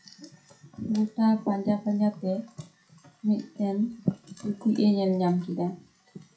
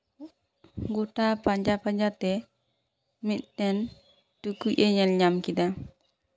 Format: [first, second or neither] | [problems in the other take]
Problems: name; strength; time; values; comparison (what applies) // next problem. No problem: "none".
second | noise reduction (classical method WPE with log-MMSE)